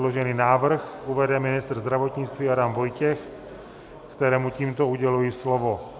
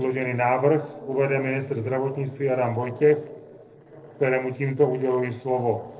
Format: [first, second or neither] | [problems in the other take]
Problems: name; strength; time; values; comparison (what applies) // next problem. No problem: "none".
first | noise reduction (neural separator model SepFormer DNS4)